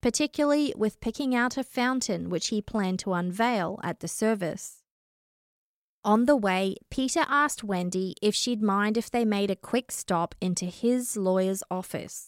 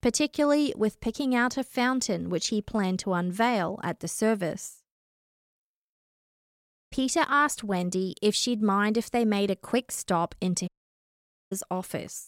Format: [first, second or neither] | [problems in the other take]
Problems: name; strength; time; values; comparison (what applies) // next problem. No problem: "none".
first | audio cutting out; at 6 s for 1 s and at 11 s for 1 s